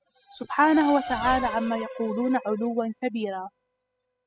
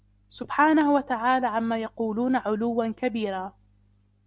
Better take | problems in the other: second | noise reduction (classical method spectral subtraction)

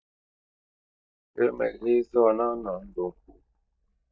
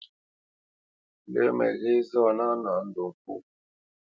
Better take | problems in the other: second | noise reduction (neural mask model DeepFilterNet 3)

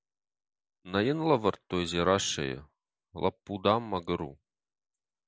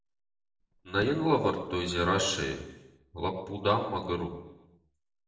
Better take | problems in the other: first | noise reduction (neural separator model SepFormer DNS4)

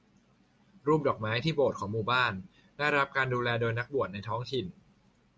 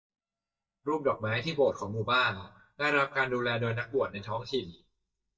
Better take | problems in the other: first | noise reduction (neural mask model DeepFilterNet 3)

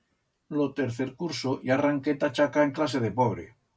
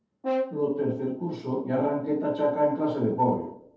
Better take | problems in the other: first | noise reduction (neural separator model SepFormer DNS4)

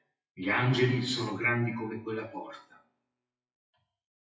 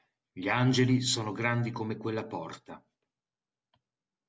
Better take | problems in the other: second | noise reduction (classical method WPE with log-MMSE)

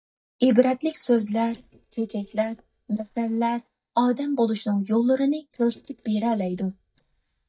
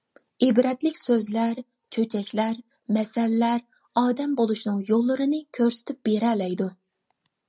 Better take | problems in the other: second | noise reduction (neural mask model DeepFilterNet 3)

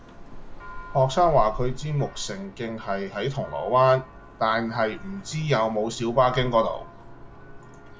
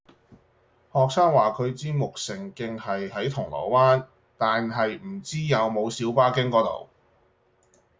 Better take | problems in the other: second | background sound (Church bell); 11 dB below the speech

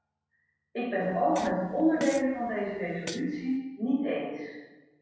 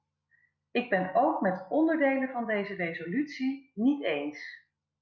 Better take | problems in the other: second | background sound (Fart); 13 dB below the speech // room echo; dies away in 1.1 s

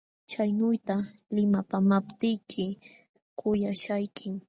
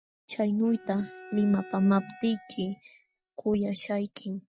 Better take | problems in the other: first | noise reduction (classical method Wiener filter)

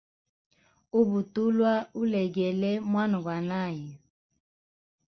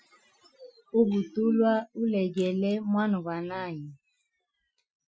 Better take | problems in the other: first | noise reduction (classical method Wiener filter)

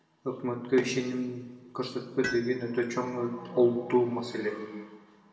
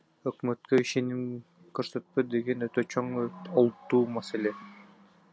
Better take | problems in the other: second | background sound (Tools); 15 dB below the speech // room echo; dies away in 1 s

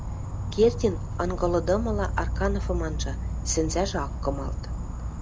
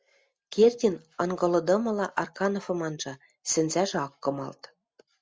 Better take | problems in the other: second | background sound (Insect); 2 dB below the speech

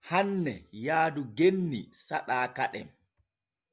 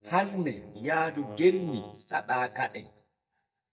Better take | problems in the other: first | noise reduction (neural mask model DeepFilterNet 3)

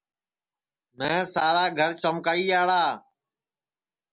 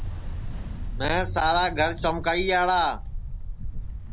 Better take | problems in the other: first | background sound (Ocean); 5 dB below the speech

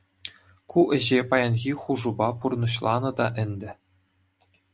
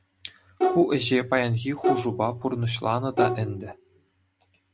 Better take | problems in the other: first | background sound (Bowed string instrument); 2 dB below the speech

